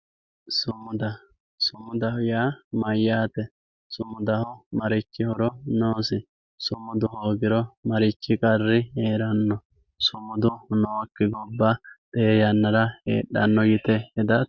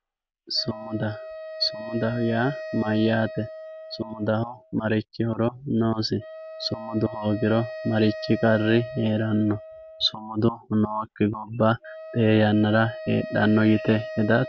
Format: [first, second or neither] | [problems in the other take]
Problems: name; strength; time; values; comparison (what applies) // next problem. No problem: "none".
first | background sound (Wind instrument, woodwind instrument); 13 dB below the speech